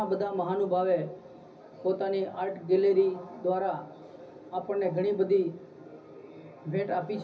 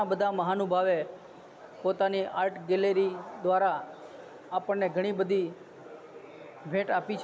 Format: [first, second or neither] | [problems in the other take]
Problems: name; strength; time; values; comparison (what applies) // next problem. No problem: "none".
second | room echo; dies away in 0.4 s